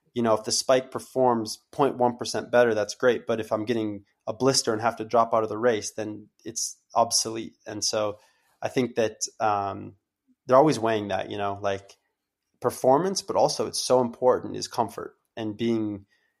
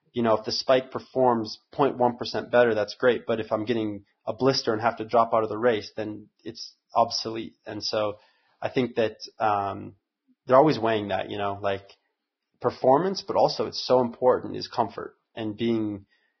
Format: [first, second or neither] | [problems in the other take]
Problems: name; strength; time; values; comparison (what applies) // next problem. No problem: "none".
first | garbled, watery; badly; nothing above 5.5 kHz